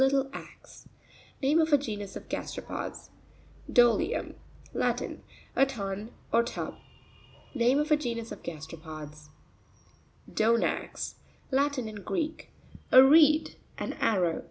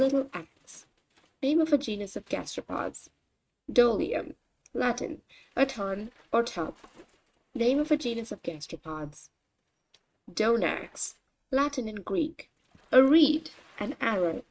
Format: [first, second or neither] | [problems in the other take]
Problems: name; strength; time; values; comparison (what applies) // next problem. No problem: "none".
first | noise reduction (neural mask model RNNoise)